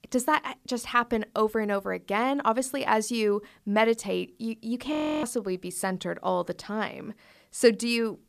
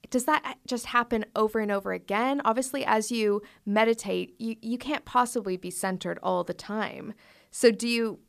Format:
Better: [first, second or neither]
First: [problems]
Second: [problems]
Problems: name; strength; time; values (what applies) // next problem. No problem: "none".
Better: second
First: audio freezing; at 5 s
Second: none